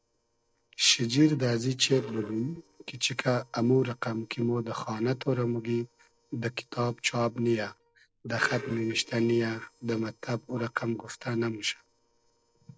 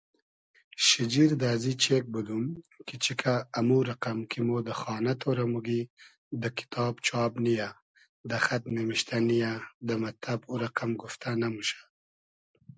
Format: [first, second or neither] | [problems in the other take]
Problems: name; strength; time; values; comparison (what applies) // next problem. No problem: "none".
second | noise reduction (neural separator model SepFormer DNS4)